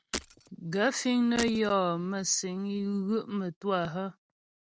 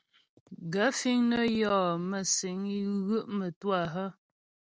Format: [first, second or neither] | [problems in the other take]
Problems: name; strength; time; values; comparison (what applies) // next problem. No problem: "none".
second | background sound (Shatter); 11 dB below the speech